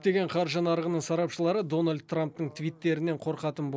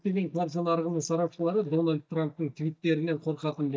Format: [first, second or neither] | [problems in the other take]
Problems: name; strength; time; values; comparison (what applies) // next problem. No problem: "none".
first | noise reduction (neural mask model DeepFilterNet 3)